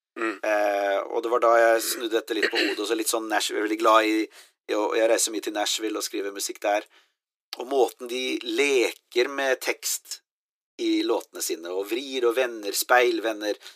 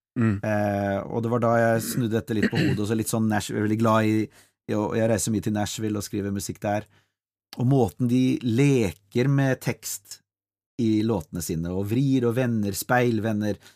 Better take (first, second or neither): second